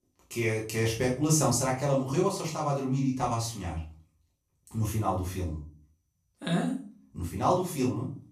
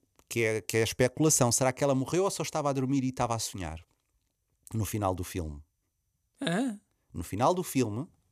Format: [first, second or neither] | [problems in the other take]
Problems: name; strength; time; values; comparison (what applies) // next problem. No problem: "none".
second | off-mic speech; far // room echo; slight; dies away in 0.4 s